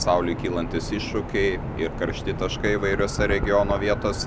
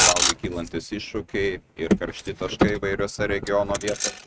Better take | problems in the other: first | noise reduction (neural mask model RNNoise)

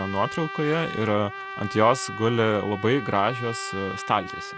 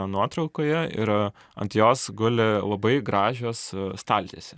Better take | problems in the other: second | background sound (Trumpet); 10 dB below the speech

